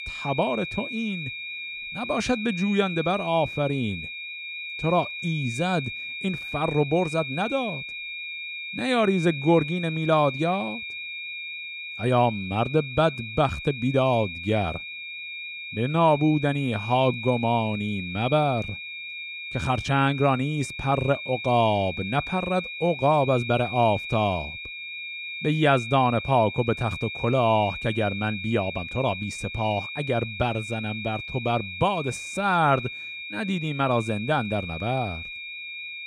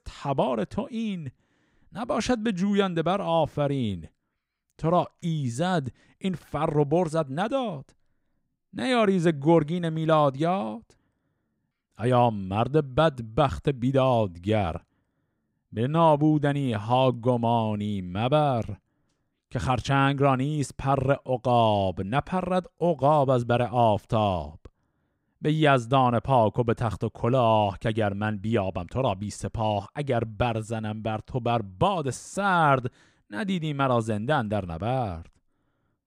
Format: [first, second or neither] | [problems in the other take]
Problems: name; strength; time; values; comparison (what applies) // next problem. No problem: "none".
second | high-pitched whine; loud; throughout; 2.5 kHz, 8 dB below the speech